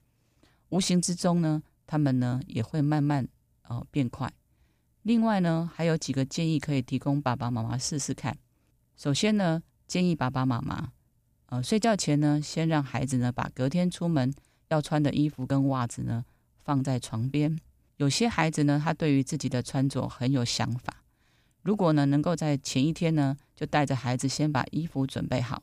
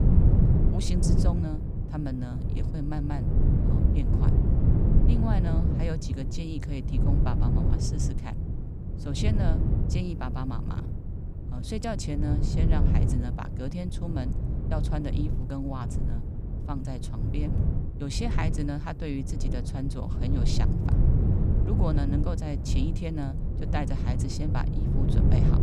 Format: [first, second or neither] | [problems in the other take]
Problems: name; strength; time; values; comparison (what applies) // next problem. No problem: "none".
first | wind noise on the microphone; heavy; 1 dB below the speech